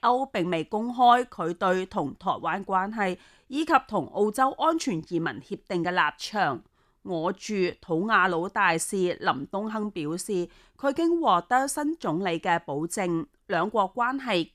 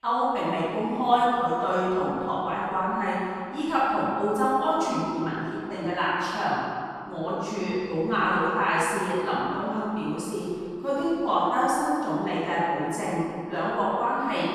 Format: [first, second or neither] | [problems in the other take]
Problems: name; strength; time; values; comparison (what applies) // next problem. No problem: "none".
first | off-mic speech; far // room echo; strong; dies away in 2 s